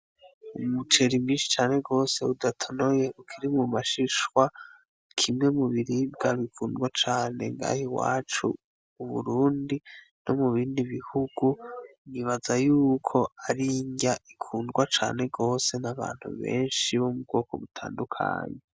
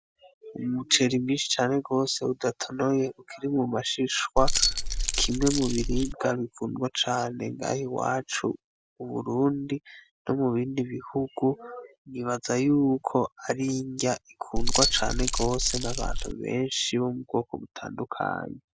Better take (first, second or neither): first